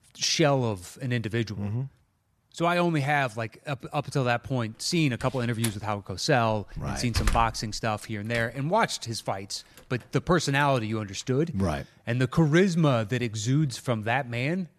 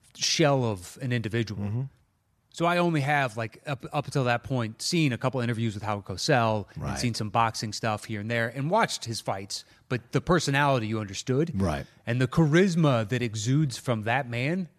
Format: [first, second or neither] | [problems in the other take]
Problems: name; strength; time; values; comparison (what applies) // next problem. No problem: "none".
second | door banging; noticeable; from 5 to 8.5 s; peak 3 dB below the speech